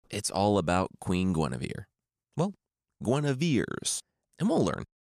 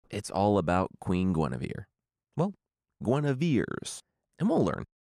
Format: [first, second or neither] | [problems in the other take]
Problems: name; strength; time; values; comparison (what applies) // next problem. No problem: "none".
first | muffled; slightly; fading above 3 kHz